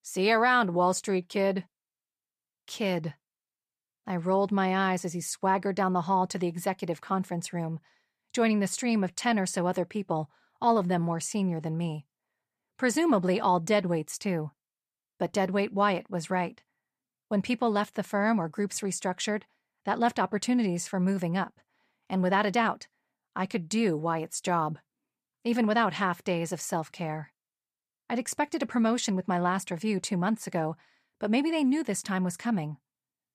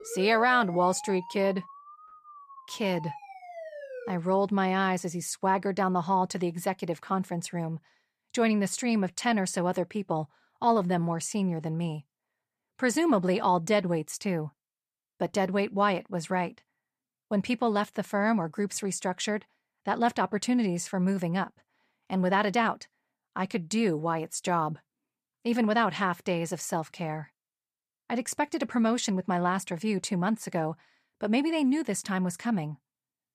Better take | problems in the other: first | siren; faint; until 4 s; peak 10 dB below the speech

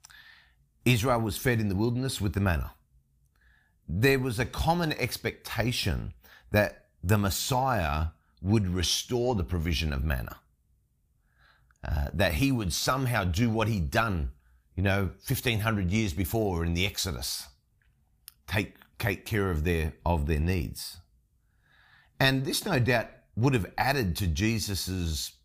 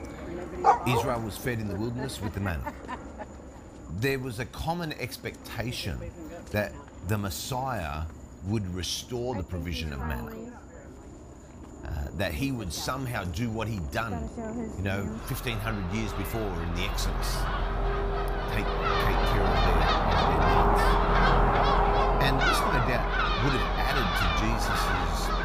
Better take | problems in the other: first | animal sounds; very loud; throughout; 5 dB above the speech

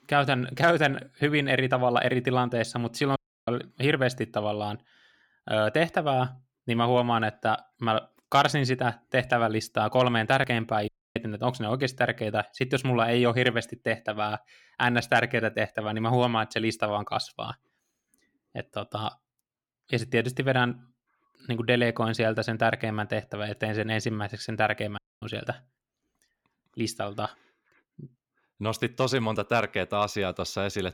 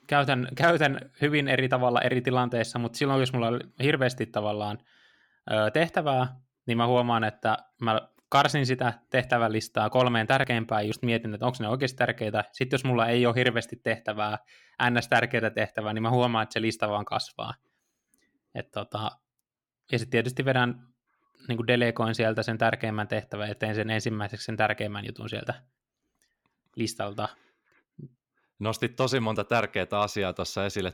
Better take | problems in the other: second | audio cutting out; at 3 s, at 11 s and at 25 s

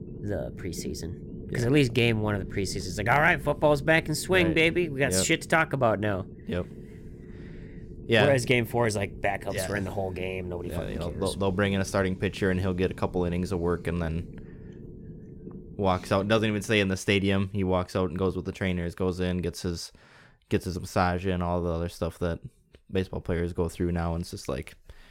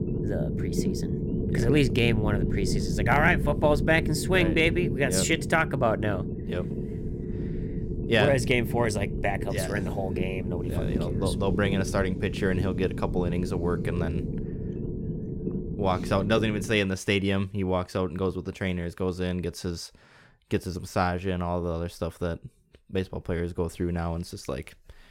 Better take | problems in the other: first | low rumble; loud; until 17 s; 9 dB below the speech; faint in the first

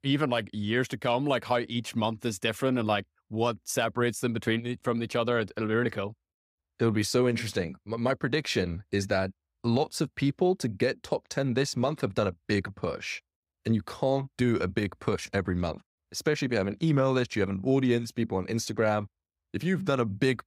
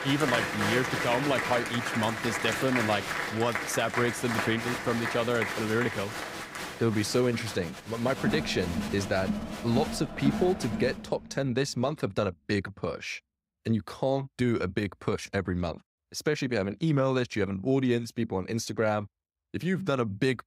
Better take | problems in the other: first | crowd noise; loud; until 11 s; 3 dB below the speech

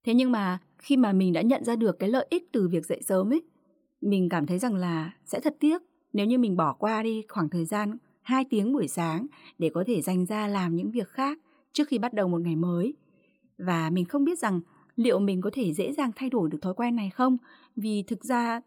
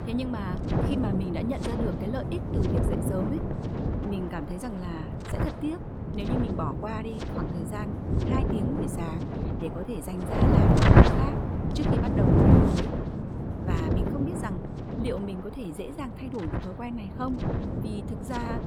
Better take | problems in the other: first | wind noise on the microphone; heavy; 5 dB above the speech

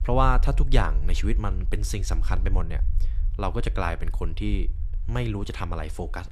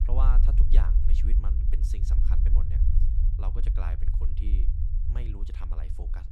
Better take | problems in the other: first | low rumble; loud; throughout; 2 dB below the speech; faint in the first

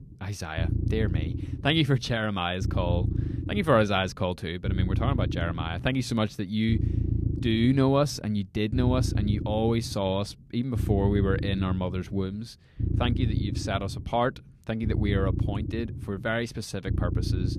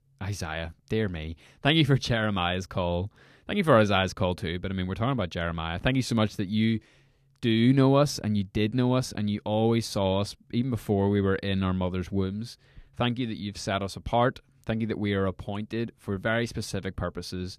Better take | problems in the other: second | low rumble; noticeable; throughout; 10 dB below the speech

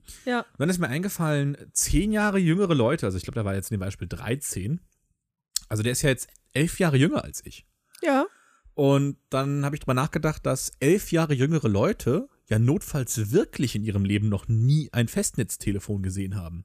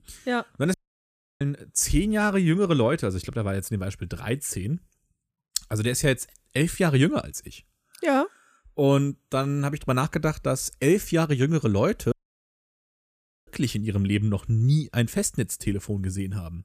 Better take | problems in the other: first | audio cutting out; at 0.5 s for 0.5 s and at 12 s for 1.5 s

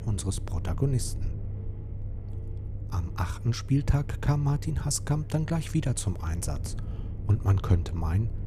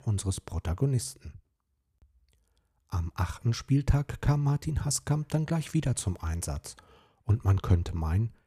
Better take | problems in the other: second | low rumble; noticeable; throughout; 15 dB below the speech

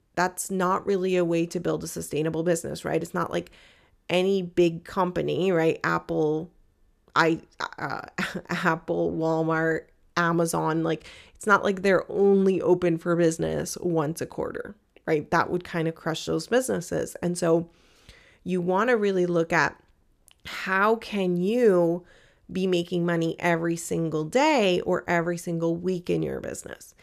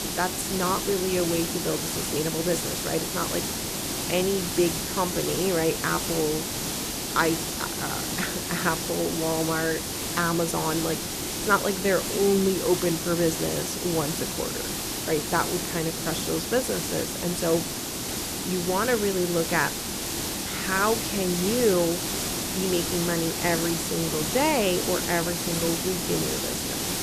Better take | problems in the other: first | hiss; loud; throughout; 1 dB below the speech

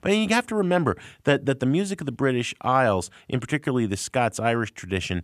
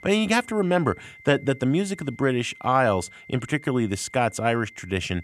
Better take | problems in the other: first | high-pitched whine; faint; throughout; 2 kHz, 20 dB below the speech

